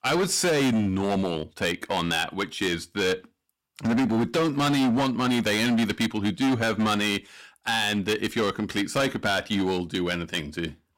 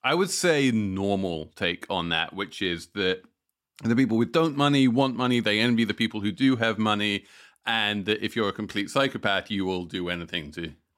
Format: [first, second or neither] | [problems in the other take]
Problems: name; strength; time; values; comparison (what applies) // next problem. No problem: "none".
second | distortion; heavy; 16% of the sound clipped